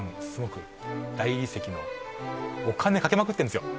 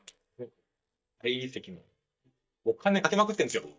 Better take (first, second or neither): first